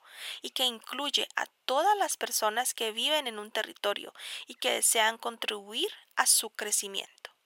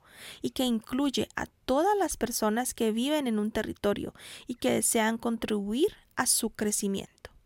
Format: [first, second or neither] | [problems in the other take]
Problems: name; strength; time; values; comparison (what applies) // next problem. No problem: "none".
second | thin; very; fading below 800 Hz